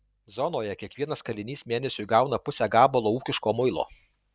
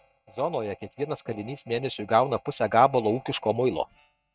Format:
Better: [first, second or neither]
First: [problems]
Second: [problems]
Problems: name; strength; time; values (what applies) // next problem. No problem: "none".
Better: first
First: none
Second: noise reduction (neural mask model RNNoise)